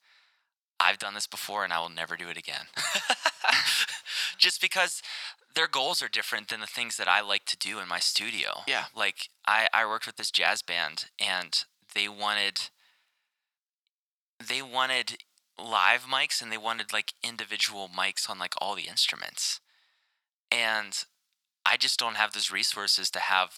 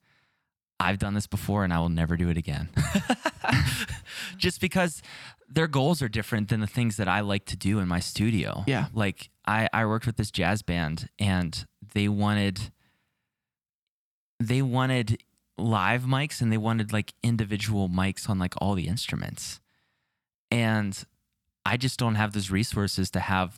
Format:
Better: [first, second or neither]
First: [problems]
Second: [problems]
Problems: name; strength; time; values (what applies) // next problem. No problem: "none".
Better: second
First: thin; very; fading below 850 Hz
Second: none